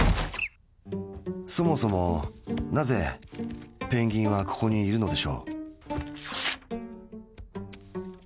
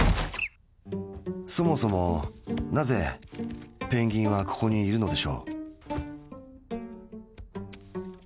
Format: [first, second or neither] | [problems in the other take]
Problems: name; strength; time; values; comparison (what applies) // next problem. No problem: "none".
second | background sound (Tearing); 10 dB below the speech